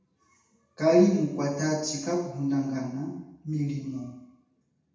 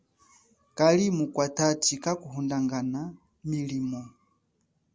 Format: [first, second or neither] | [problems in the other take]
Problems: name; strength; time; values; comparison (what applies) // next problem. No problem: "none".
second | room echo; dies away in 0.8 s